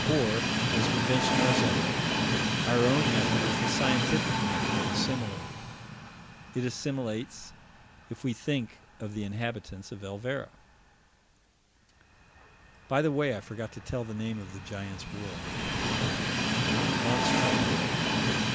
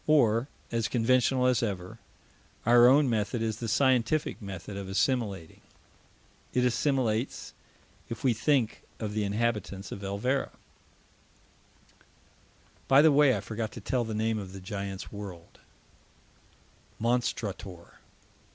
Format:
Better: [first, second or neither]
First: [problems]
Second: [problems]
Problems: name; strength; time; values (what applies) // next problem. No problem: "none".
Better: second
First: background sound (Train); 3 dB above the speech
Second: none